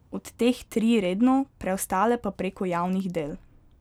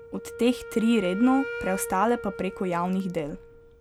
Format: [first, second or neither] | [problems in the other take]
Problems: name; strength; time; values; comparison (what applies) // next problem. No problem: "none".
first | background sound (Wind instrument, woodwind instrument); 12 dB below the speech